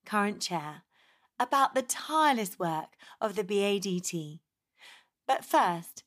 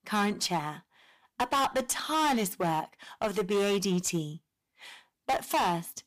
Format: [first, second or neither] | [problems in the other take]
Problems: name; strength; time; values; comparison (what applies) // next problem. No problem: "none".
first | distortion; heavy; 12% of the sound clipped